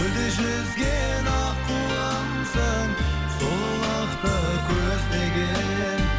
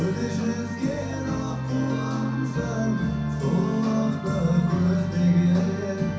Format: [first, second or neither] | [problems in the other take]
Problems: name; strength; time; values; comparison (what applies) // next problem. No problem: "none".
first | room echo; dies away in 0.6 s